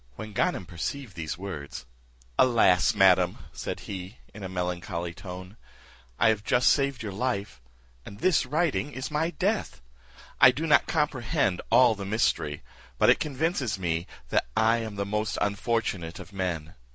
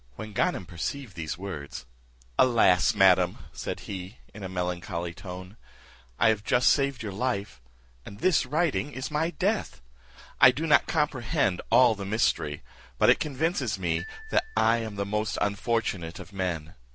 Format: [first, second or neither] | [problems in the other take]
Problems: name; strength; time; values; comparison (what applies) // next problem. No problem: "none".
first | background sound (Glockenspiel); 20 dB below the speech